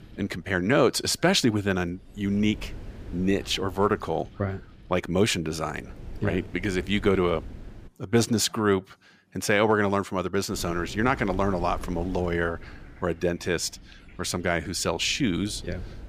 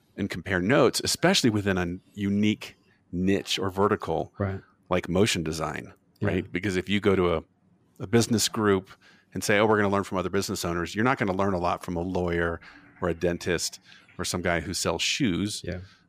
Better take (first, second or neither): second